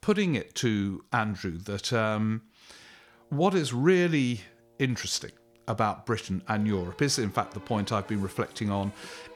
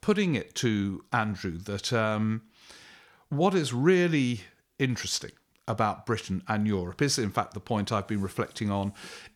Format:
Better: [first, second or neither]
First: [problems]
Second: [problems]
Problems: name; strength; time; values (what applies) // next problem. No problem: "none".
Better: second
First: background music; faint; from 3 s on; 25 dB below the speech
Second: none